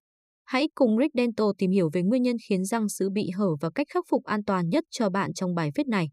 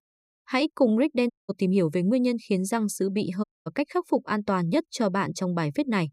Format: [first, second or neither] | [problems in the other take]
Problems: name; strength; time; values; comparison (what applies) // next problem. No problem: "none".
first | audio cutting out; at 1.5 s and at 3.5 s